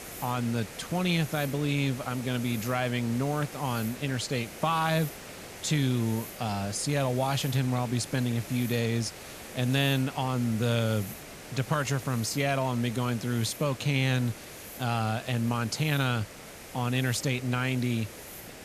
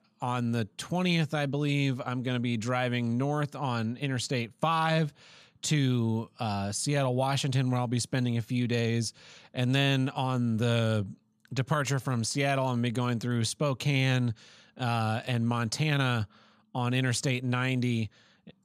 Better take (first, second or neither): second